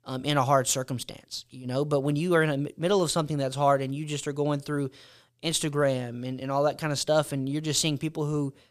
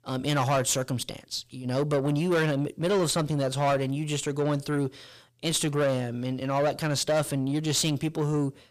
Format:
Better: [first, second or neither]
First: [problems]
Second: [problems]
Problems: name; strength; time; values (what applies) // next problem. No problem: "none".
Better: first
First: none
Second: distortion; slight; 10 dB below the speech